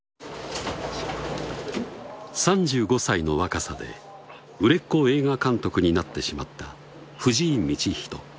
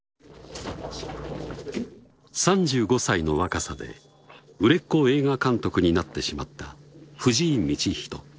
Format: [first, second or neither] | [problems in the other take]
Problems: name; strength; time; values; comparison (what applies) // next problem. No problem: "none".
first | noise reduction (neural separator model SepFormer DNS4)